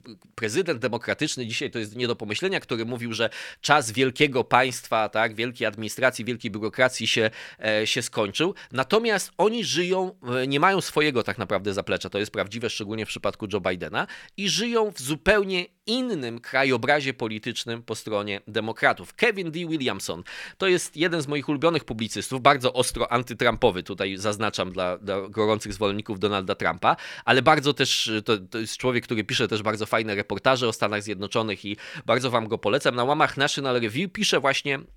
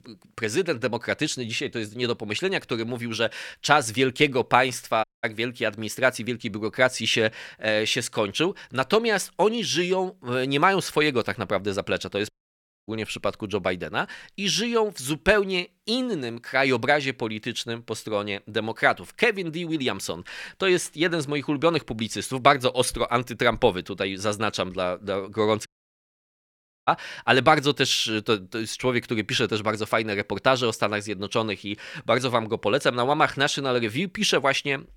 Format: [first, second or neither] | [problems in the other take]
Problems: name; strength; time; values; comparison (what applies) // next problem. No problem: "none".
first | audio cutting out; at 5 s, at 12 s for 0.5 s and at 26 s for 1 s